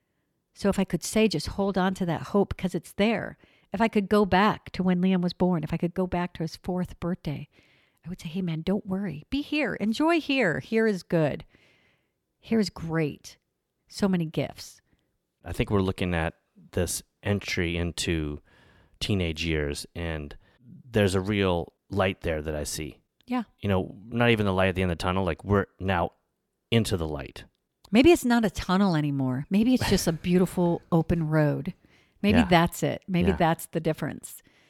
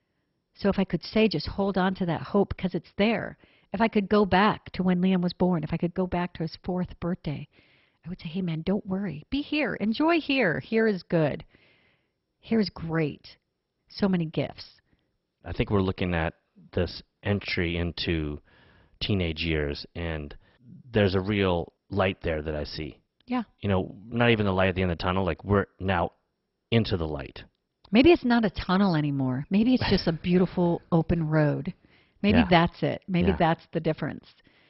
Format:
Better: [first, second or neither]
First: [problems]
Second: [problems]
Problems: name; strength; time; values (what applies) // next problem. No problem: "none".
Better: first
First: none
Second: garbled, watery; badly; nothing above 5.5 kHz